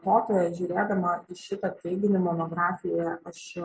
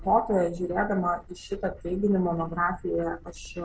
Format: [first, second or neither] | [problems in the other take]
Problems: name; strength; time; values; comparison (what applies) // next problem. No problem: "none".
first | background sound (Livestock, farm animals, working animals); 17 dB below the speech